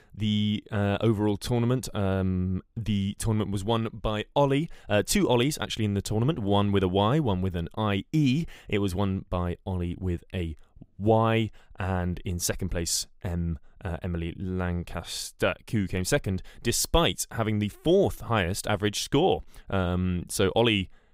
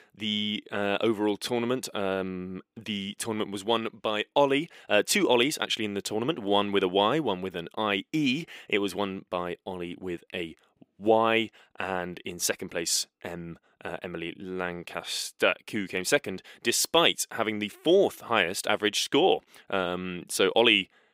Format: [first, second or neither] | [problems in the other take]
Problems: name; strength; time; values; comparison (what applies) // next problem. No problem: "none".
first | thin; somewhat; fading below 300 Hz